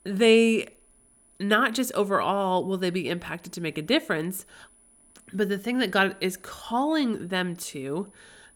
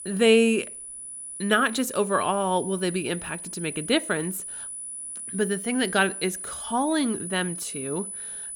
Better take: first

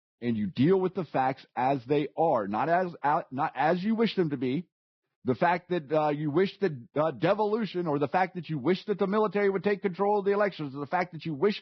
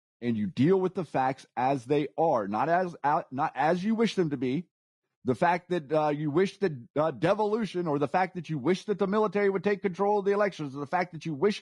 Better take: second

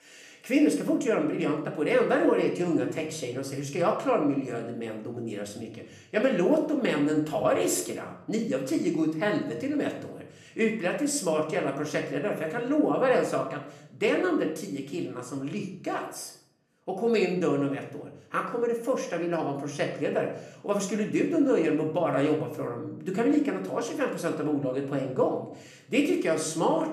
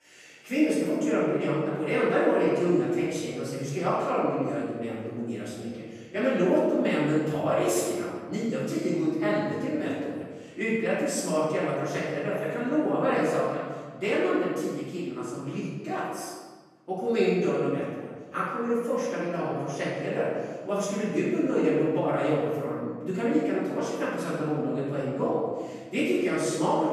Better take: first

